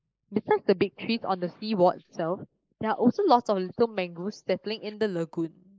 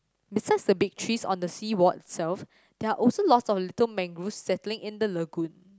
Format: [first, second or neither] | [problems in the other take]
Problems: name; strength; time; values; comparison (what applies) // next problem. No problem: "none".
second | noise reduction (neural mask model Resemble Enhance denoiser)